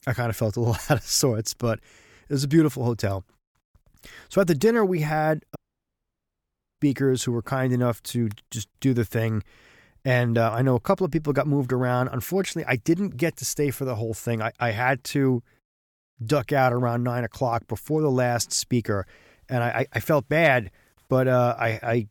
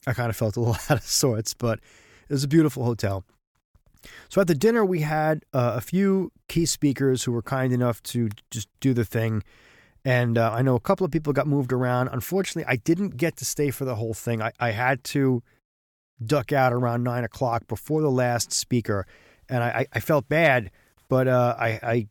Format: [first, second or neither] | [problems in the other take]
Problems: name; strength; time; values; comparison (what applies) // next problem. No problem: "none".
second | audio cutting out; at 5.5 s for 1 s